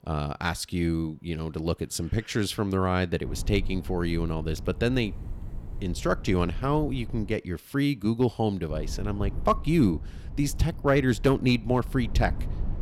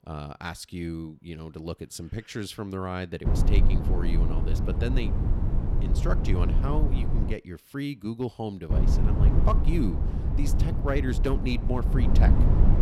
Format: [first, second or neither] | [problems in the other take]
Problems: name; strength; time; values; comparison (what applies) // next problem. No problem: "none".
first | low rumble; loud; from 3.5 to 7.5 s and from 8.5 s on; 3 dB below the speech; faint in the first